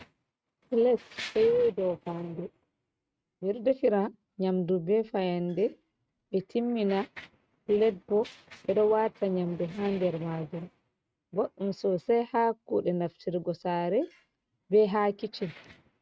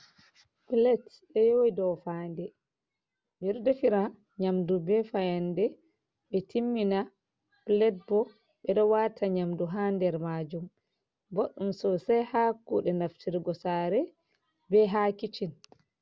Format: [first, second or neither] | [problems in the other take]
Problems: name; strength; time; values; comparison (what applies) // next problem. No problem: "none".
second | noise reduction (neural mask model RNNoise)